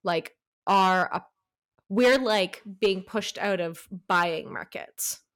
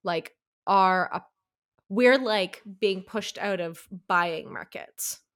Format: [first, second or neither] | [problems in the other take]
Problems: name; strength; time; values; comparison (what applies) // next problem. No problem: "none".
second | distortion; slight; 2% of the sound clipped